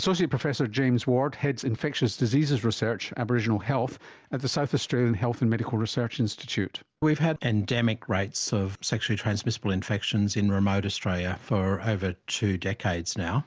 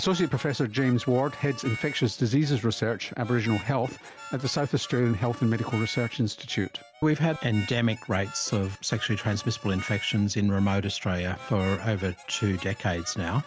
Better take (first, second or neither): first